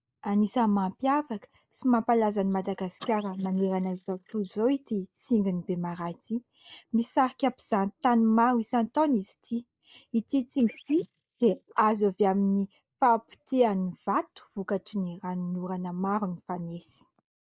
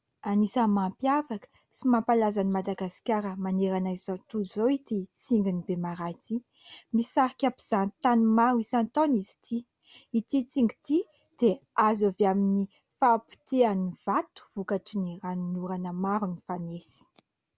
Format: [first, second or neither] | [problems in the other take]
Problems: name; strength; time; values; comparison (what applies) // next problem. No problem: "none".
second | noise reduction (neural mask model Resemble Enhance denoiser)